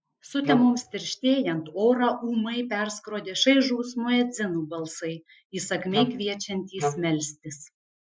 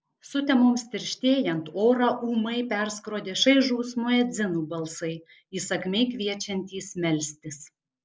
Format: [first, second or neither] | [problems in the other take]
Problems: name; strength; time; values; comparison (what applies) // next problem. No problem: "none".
second | noise reduction (classical method Wiener filter)